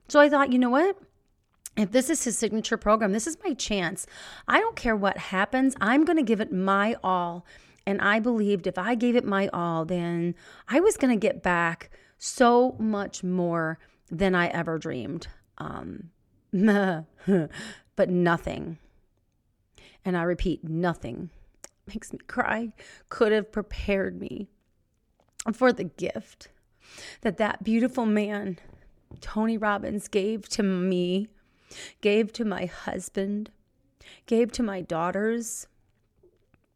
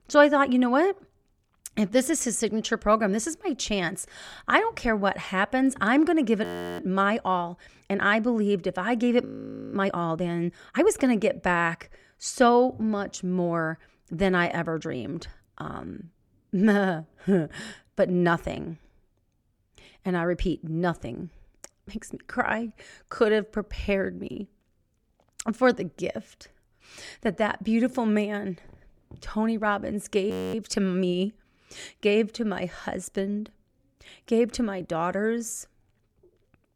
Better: first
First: none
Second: audio freezing; at 6.5 s, at 9.5 s and at 30 s

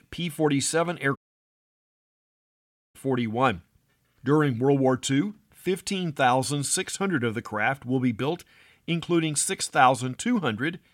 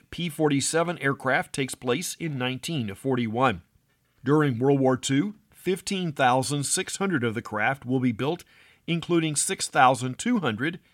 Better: second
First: audio cutting out; at 1 s for 2 s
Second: none

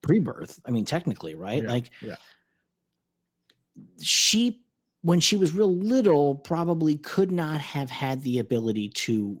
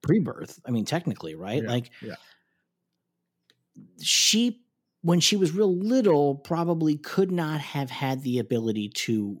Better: second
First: garbled, watery; slightly; nothing above 17 kHz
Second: none

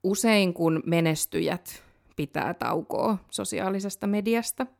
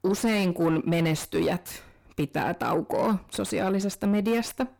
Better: first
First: none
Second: distortion; heavy; 7 dB below the speech

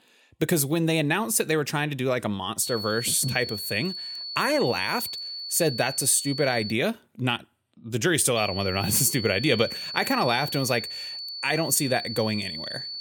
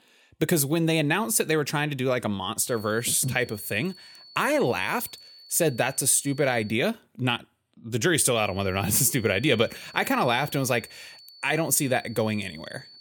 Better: second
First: high-pitched whine; loud; from 2.5 to 6.5 s and from 8.5 s on; 4.5 kHz, 7 dB below the speech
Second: high-pitched whine; faint; from 2.5 to 6.5 s and from 8.5 s on; 4.5 kHz, 20 dB below the speech

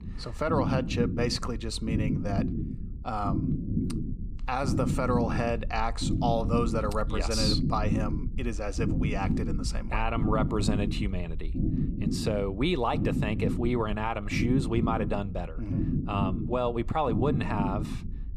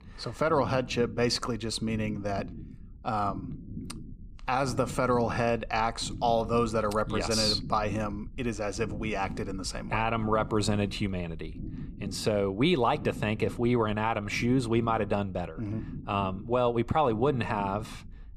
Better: second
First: low rumble; loud; throughout; 8 dB below the speech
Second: low rumble; faint; throughout; 20 dB below the speech

